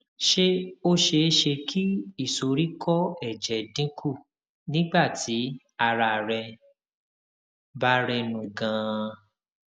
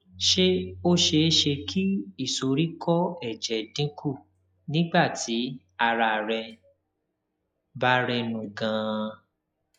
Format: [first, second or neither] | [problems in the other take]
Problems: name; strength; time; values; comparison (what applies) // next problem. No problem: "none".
first | noise reduction (classical method log-MMSE)